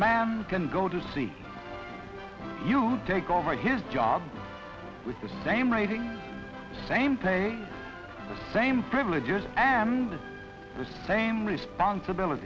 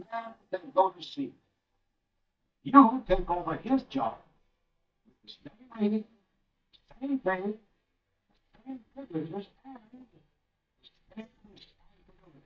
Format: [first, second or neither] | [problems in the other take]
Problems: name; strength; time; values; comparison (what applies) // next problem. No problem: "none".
first | noise reduction (neural mask model DeepFilterNet 3)